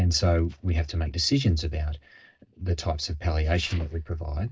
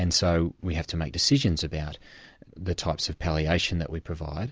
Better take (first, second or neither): second